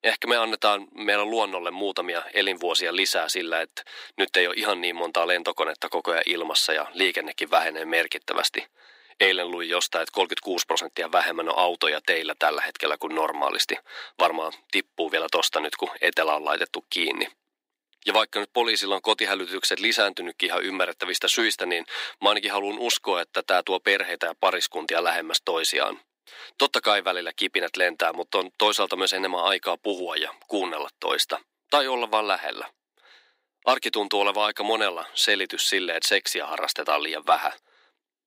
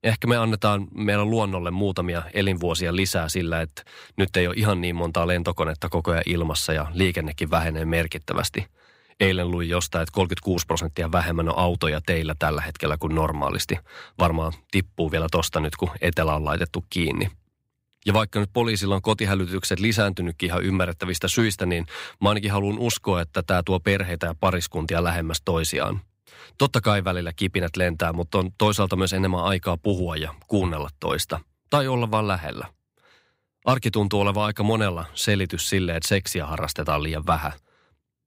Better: second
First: thin; very; fading below 300 Hz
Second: none

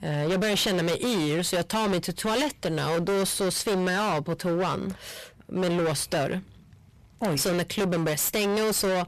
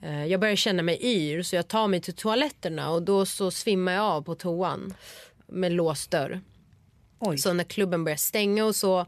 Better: second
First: distortion; heavy; 34% of the sound clipped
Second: none

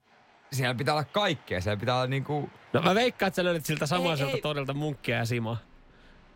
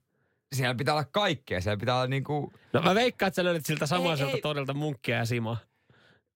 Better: second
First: crowd noise; faint; throughout; 25 dB below the speech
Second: none

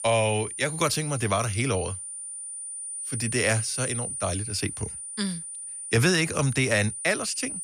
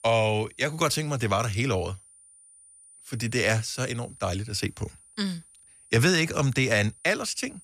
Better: second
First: high-pitched whine; loud; throughout; 9.5 kHz, 6 dB below the speech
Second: high-pitched whine; faint; throughout; 9.5 kHz, 25 dB below the speech

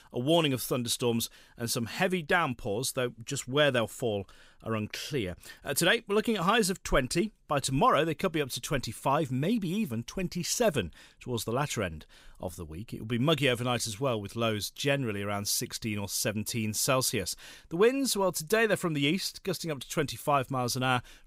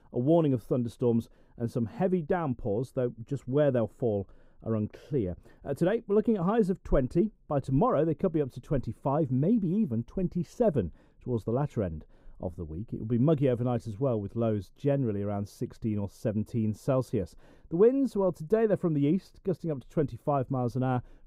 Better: first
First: none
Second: muffled; very; fading above 1.5 kHz

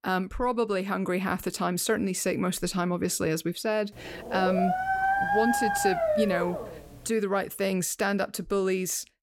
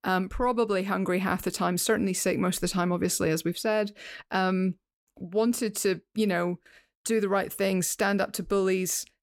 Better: second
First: dog barking; loud; from 4 to 7 s; peak 3 dB above the speech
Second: none

